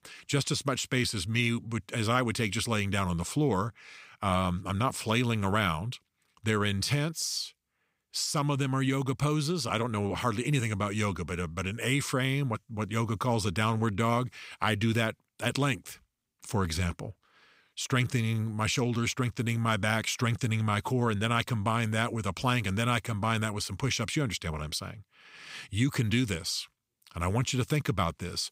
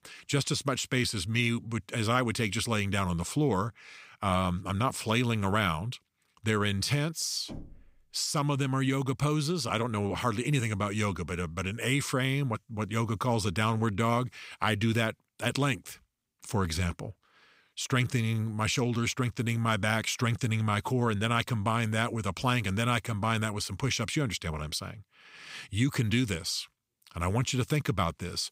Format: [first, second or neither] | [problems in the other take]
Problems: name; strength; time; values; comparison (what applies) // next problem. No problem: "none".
first | door banging; faint; at 7.5 s; peak 15 dB below the speech